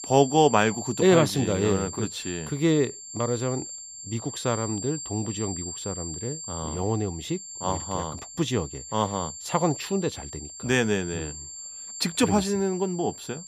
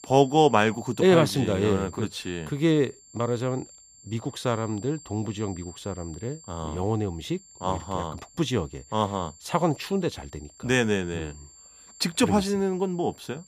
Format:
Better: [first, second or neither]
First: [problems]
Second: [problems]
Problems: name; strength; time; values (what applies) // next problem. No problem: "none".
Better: second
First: high-pitched whine; loud; throughout; 7.5 kHz, 9 dB below the speech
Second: high-pitched whine; faint; throughout; 7.5 kHz, 20 dB below the speech